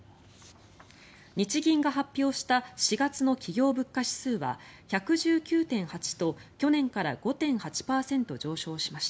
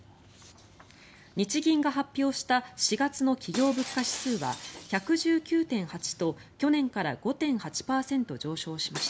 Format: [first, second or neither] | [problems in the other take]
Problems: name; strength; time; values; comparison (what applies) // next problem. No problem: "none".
first | background sound (Shatter); 17 dB below the speech